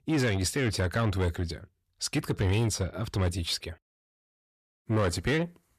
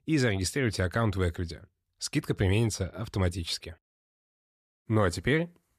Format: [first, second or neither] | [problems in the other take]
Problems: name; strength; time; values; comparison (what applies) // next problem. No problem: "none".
second | distortion; slight; 10 dB below the speech